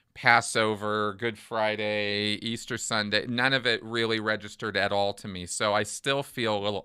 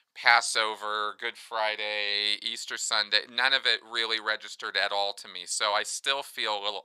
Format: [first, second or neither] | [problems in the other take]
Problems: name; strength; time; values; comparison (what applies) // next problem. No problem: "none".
first | thin; very; fading below 700 Hz